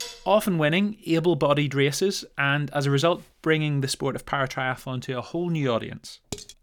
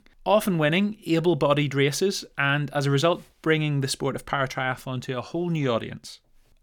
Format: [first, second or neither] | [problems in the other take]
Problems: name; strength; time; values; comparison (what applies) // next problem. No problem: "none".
second | clattering dishes; faint; at the start and at 6.5 s; peak 10 dB below the speech